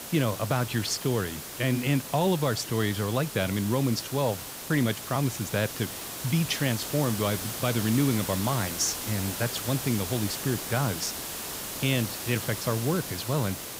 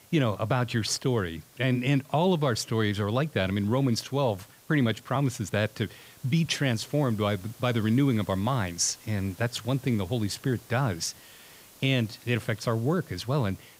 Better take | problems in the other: second | hiss; loud; throughout; 6 dB below the speech; faint in the second

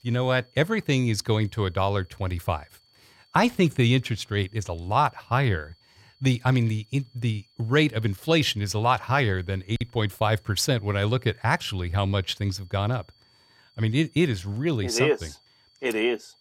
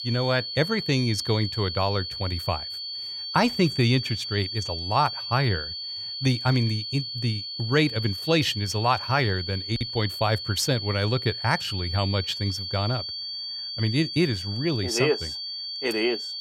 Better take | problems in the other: first | high-pitched whine; loud; throughout; 4.5 kHz, 5 dB below the speech; faint in the first

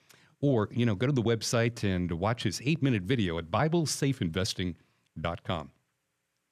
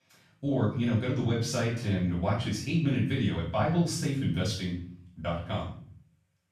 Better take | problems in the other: first | off-mic speech; far // room echo; noticeable; dies away in 0.5 s

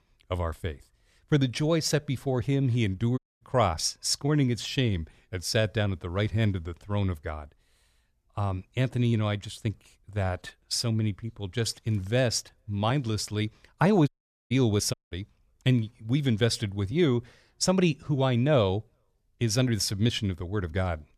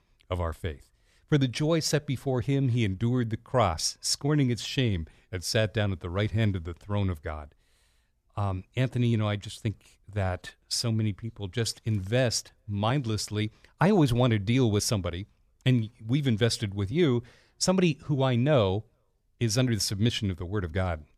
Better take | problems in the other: second | audio cutting out; at 3 s, at 14 s and at 15 s

